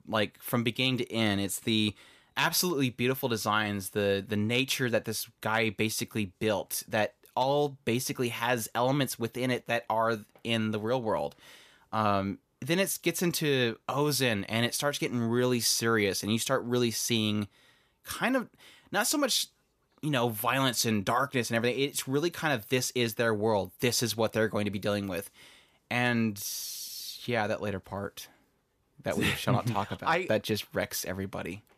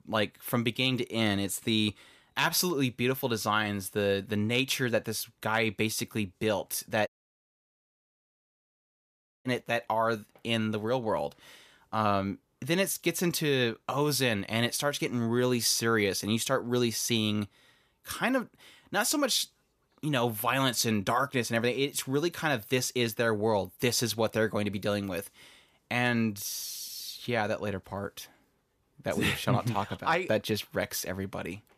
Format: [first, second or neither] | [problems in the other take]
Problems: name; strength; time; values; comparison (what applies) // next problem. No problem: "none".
first | audio cutting out; at 7 s for 2.5 s